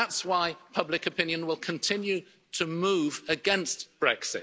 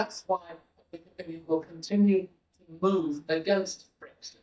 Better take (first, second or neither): first